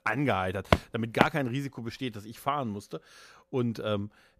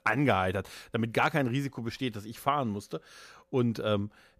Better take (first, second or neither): second